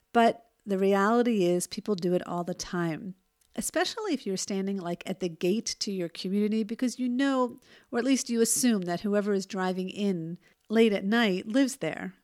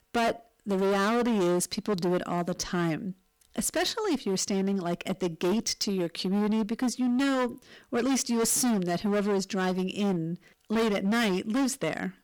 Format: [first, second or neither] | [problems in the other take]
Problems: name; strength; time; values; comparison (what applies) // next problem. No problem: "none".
first | distortion; heavy; 20% of the sound clipped